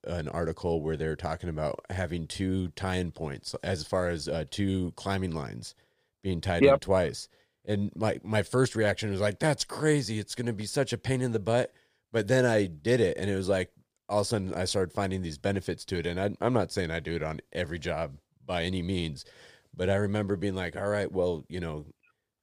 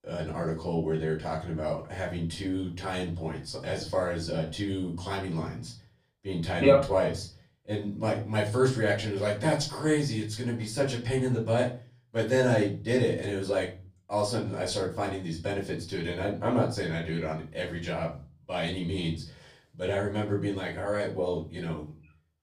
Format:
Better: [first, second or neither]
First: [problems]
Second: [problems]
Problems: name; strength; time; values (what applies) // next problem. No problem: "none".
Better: first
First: none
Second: off-mic speech; far // room echo; slight; dies away in 0.3 s